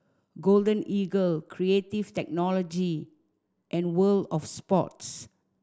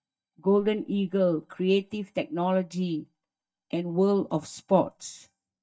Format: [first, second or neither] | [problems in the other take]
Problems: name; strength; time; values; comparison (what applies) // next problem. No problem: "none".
first | noise reduction (neural mask model DeepFilterNet 3)